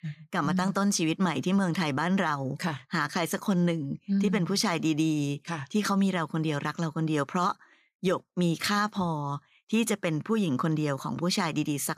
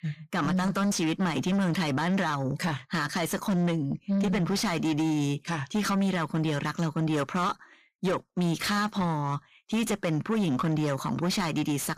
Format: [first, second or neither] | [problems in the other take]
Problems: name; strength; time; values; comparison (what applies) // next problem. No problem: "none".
first | distortion; slight; 10 dB below the speech